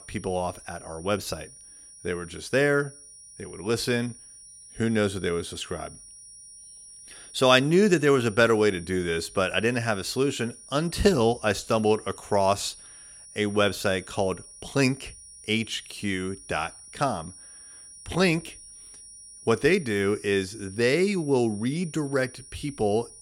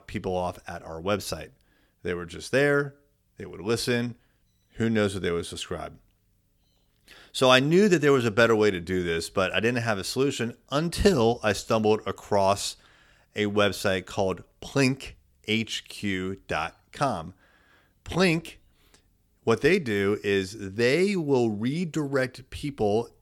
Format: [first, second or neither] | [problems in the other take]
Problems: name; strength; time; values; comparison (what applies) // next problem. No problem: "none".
second | high-pitched whine; noticeable; throughout; 9.5 kHz, 20 dB below the speech